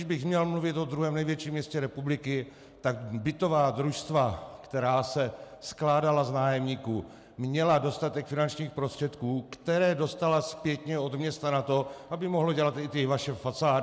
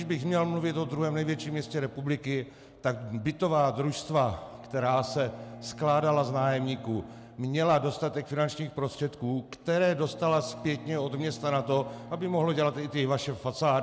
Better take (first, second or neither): first